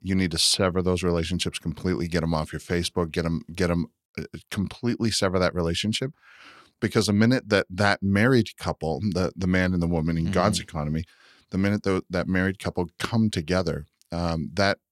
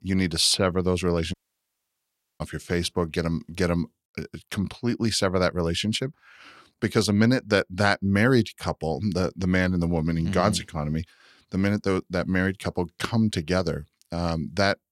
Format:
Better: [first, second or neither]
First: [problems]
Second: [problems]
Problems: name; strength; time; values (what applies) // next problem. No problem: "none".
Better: first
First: none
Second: audio cutting out; at 1.5 s for 1 s